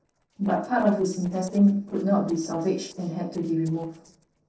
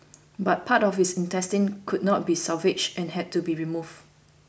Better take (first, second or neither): second